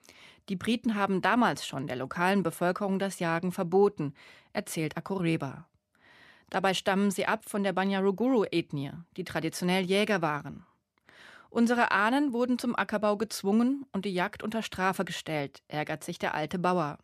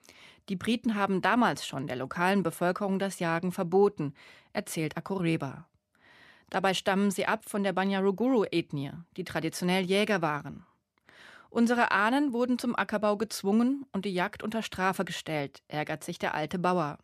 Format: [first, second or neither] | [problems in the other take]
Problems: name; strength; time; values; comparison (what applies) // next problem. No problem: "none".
neither | none